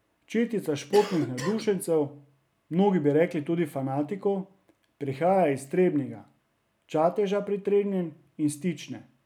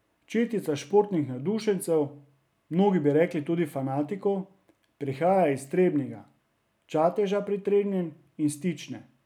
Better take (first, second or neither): second